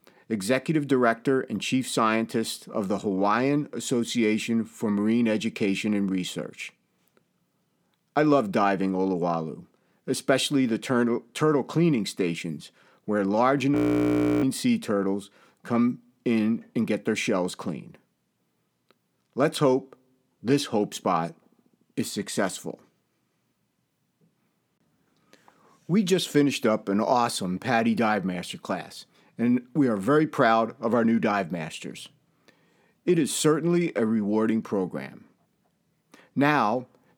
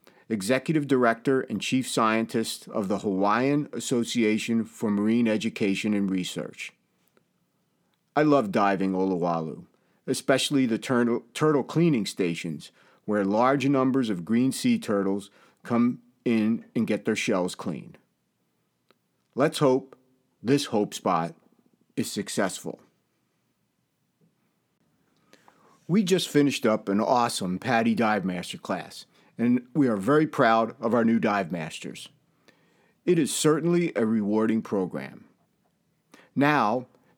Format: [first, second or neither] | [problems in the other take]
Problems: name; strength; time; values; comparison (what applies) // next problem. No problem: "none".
second | audio freezing; at 14 s for 0.5 s